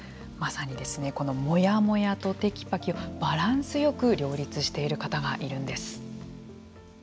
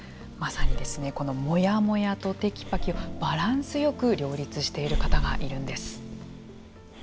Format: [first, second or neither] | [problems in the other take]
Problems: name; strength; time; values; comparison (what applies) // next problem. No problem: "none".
first | background sound (Breathing); 1 dB below the speech